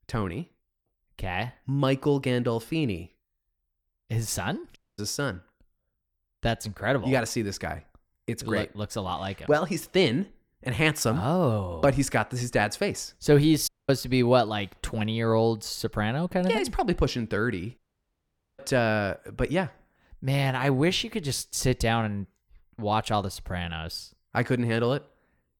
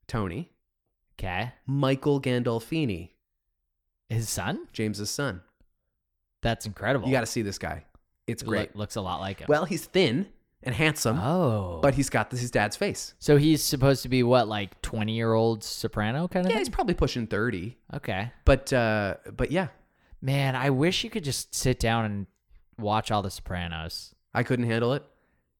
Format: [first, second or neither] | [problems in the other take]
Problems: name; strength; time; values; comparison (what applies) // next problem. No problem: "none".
second | audio cutting out; at 5 s, at 14 s and at 18 s for 1 s